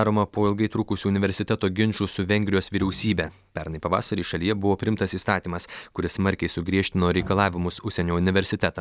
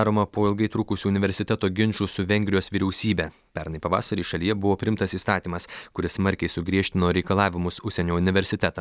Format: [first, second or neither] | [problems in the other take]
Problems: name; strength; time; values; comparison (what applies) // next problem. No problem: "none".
second | background sound (Bowed string instrument); 17 dB below the speech